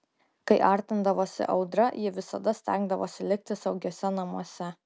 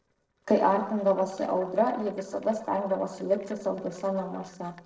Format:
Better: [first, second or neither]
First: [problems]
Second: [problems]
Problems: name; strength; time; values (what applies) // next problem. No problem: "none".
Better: first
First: none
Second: noise reduction (neural separator model SepFormer DNS4)